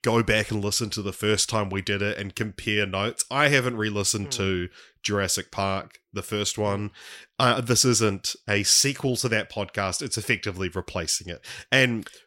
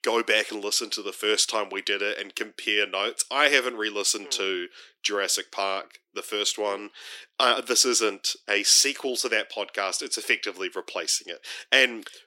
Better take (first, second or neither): first